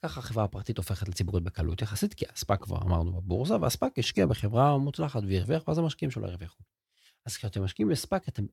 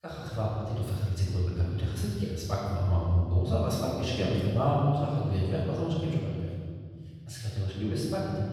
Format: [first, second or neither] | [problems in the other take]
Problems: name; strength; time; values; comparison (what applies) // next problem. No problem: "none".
first | off-mic speech; far // room echo; strong; dies away in 1.9 s